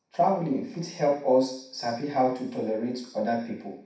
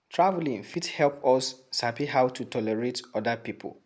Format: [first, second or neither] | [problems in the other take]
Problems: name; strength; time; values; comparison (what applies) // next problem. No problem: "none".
second | room echo; dies away in 0.6 s